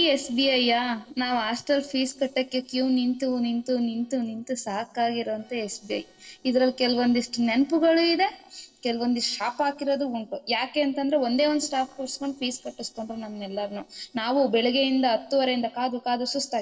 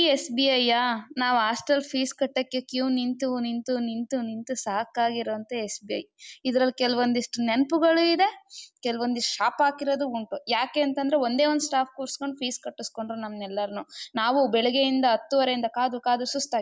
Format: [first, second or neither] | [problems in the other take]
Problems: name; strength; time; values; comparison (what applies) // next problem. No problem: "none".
second | noise reduction (neural separator model SepFormer DNS4)